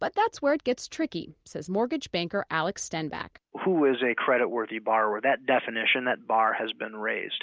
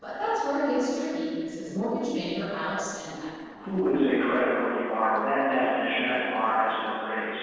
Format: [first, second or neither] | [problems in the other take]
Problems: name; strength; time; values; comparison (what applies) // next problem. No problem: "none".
first | noise reduction (neural separator model SepFormer DNS4)